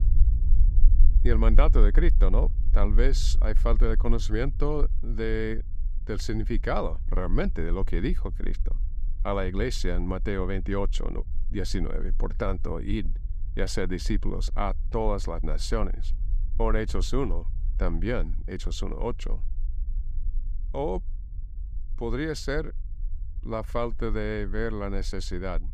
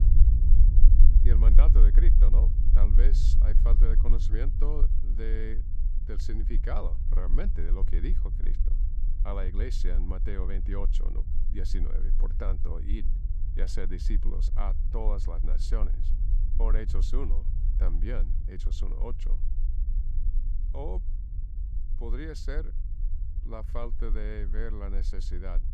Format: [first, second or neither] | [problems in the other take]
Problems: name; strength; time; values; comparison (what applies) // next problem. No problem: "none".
first | low rumble; loud; throughout; 8 dB below the speech; faint in the first